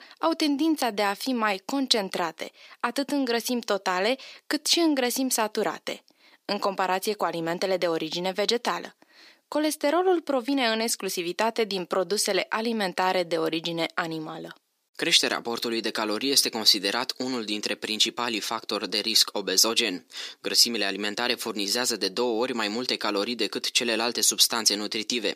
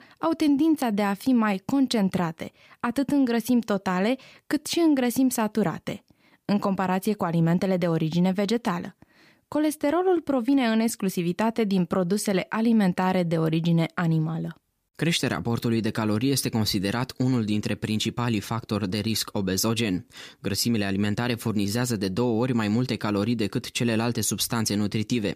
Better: second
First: thin; somewhat; fading below 350 Hz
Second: none

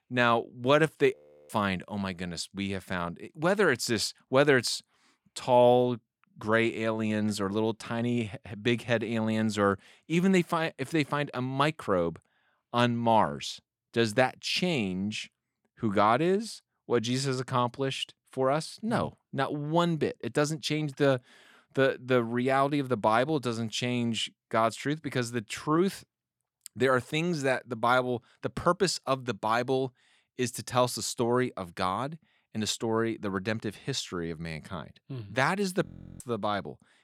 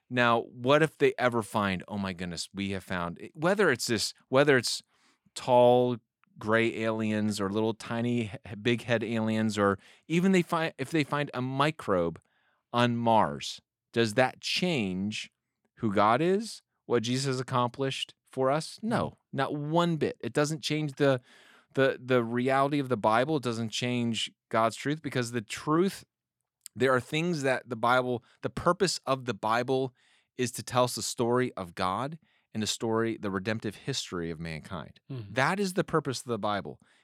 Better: second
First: audio freezing; at 1 s and at 36 s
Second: none

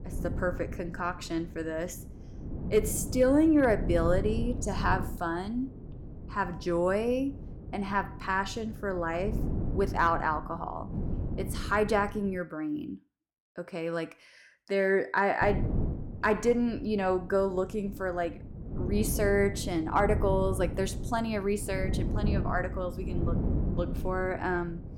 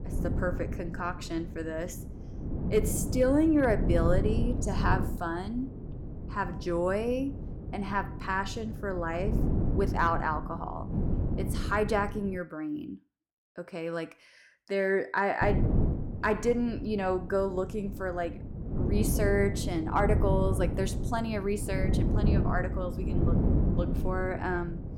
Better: first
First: wind noise on the microphone; occasional gusts; until 12 s and from 15 s on; 15 dB below the speech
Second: wind noise on the microphone; heavy; until 12 s and from 15 s on; 10 dB below the speech

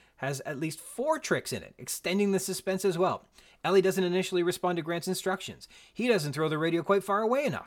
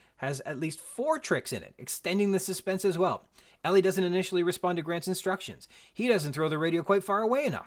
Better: first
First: none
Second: garbled, watery; slightly; nothing above 15.5 kHz

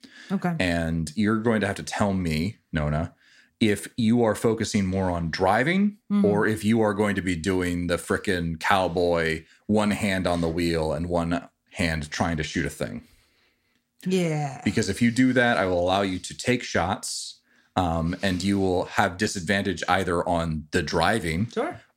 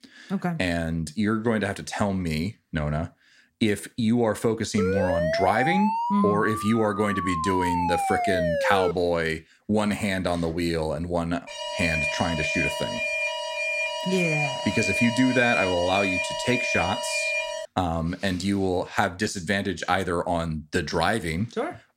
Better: first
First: none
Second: siren; loud; from 5 to 9 s; peak 1 dB above the speech // alarm; loud; from 11 to 18 s; peak 1 dB above the speech

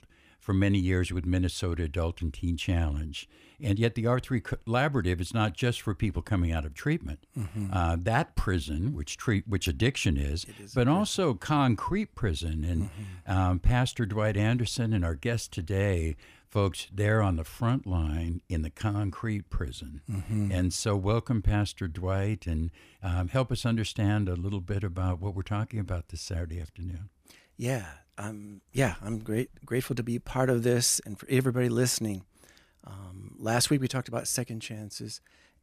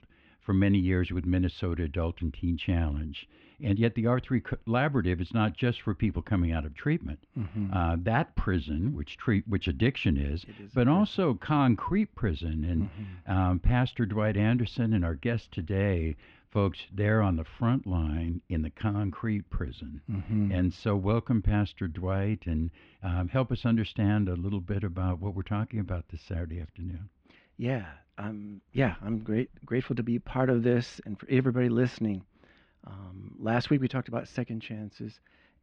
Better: first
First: none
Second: muffled; very; fading above 3.5 kHz

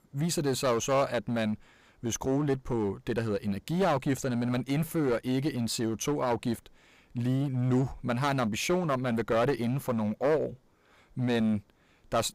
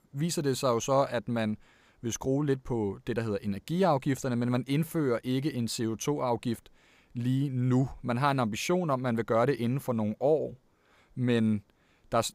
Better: second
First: distortion; slight; 9% of the sound clipped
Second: none

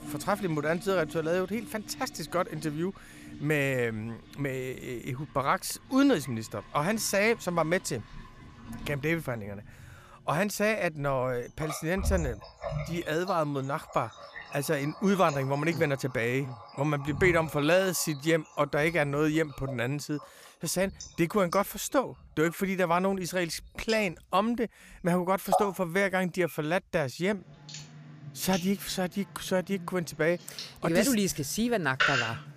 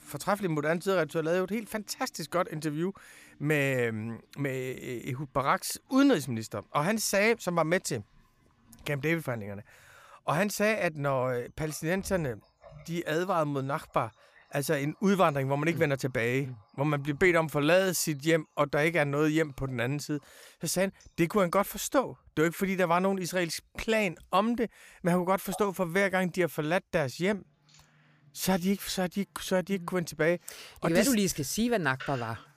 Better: second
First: household noises; loud; throughout; 9 dB below the speech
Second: household noises; faint; throughout; 25 dB below the speech

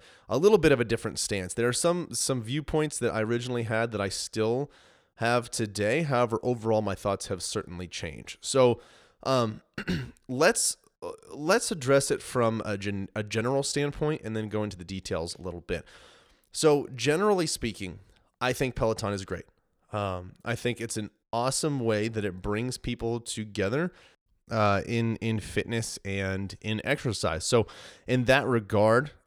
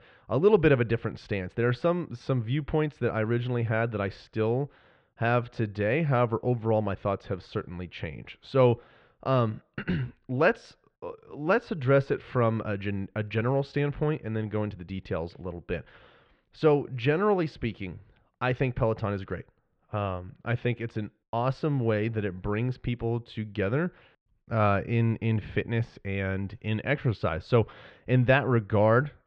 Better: first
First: none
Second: muffled; very; fading above 3 kHz

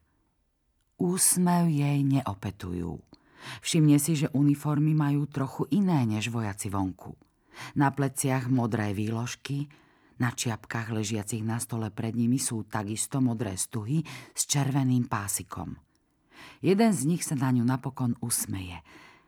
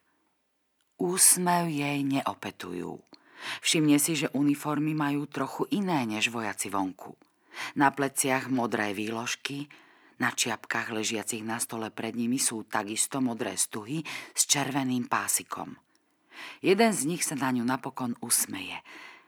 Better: first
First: none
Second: thin; somewhat; fading below 300 Hz

